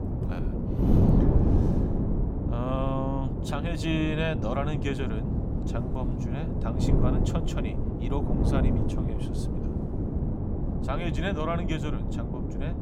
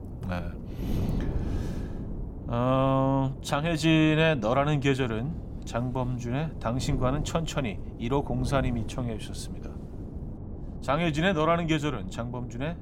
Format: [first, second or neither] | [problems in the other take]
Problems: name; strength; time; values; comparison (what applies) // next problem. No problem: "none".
second | wind noise on the microphone; heavy; 2 dB below the speech; occasional gusts in the second